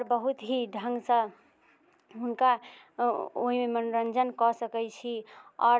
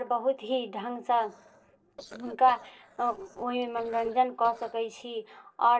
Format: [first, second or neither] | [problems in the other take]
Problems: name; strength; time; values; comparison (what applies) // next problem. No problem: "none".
first | noise reduction (neural separator model SepFormer DNS4)